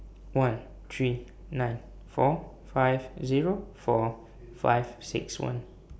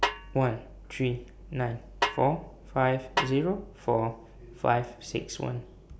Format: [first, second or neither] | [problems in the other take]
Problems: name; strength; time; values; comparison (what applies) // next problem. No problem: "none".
first | background sound (Snare drum); 5 dB below the speech